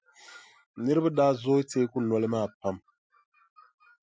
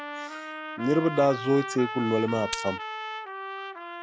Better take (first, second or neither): first